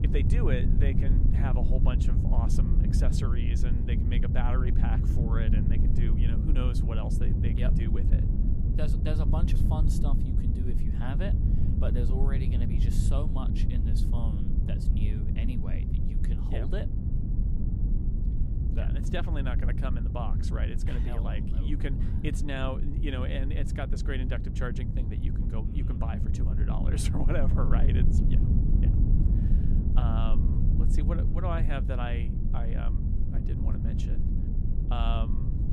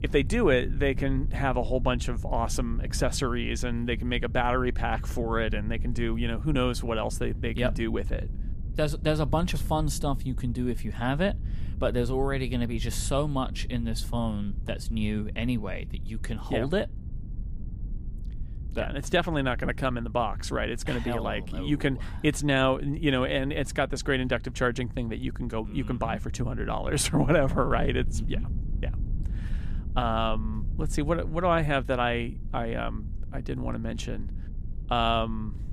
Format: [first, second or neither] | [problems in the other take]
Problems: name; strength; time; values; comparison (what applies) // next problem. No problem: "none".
second | wind noise on the microphone; heavy; 2 dB below the speech; occasional gusts in the second